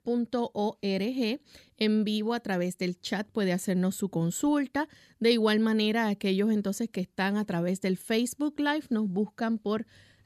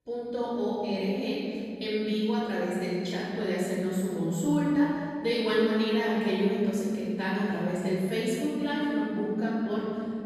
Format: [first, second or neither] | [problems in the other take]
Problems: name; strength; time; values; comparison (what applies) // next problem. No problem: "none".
first | off-mic speech; far // room echo; strong; dies away in 2.2 s